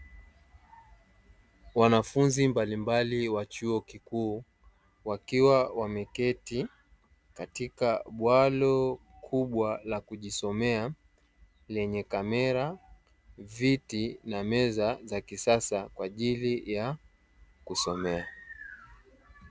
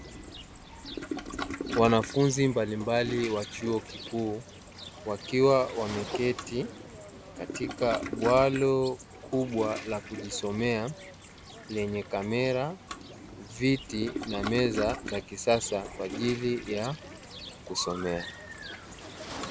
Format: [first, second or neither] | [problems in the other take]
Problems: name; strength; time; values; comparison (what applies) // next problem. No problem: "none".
first | background sound (Cricket + Toilet flush); 10 dB below the speech